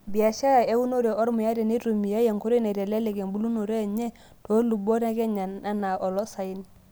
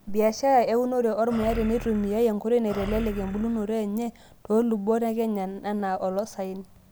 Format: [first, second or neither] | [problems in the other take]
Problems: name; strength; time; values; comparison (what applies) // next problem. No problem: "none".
first | background sound (Animal); 11 dB below the speech